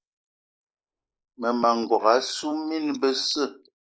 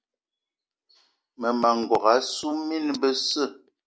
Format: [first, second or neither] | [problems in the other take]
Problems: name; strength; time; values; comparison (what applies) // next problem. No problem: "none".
second | noise reduction (neural mask model Resemble Enhance denoiser)